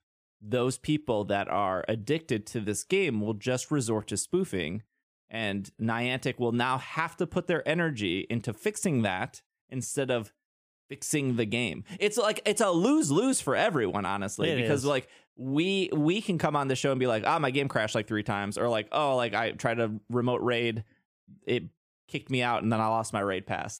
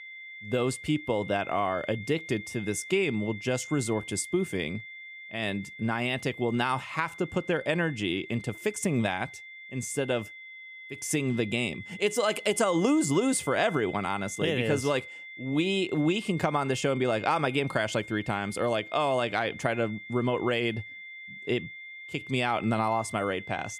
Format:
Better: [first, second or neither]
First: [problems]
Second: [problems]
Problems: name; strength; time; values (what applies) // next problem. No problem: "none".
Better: first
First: none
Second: high-pitched whine; noticeable; throughout; 2 kHz, 15 dB below the speech